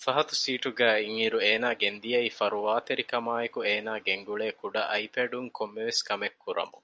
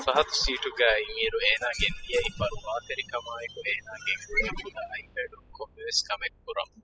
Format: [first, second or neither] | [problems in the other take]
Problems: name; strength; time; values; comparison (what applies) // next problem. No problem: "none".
first | noise reduction (classical method spectral subtraction)